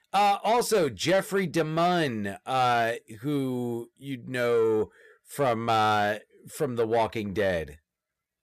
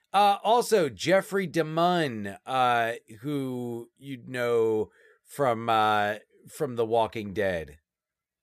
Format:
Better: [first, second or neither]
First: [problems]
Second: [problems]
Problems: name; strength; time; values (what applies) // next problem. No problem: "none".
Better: second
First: distortion; slight; 10 dB below the speech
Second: none